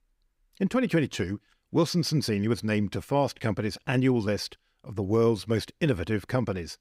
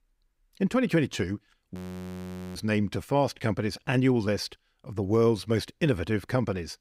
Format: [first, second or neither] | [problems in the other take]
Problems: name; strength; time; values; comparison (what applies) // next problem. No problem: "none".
first | audio freezing; at 2 s for 1 s